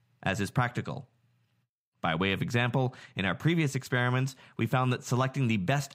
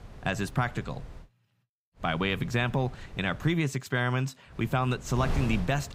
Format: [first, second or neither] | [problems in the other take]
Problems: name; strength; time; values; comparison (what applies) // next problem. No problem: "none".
first | wind noise on the microphone; occasional gusts; until 1 s, from 2 to 3.5 s and from 4.5 s on; 15 dB below the speech